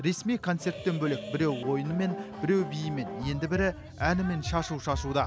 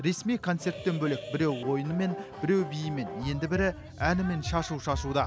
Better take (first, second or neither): second